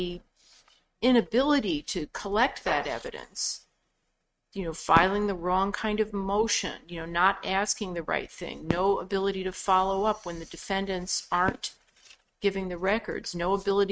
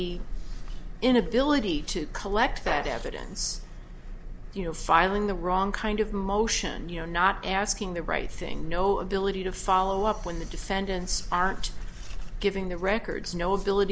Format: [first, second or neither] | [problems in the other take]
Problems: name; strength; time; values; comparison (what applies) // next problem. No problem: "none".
second | noise reduction (neural mask model RNNoise)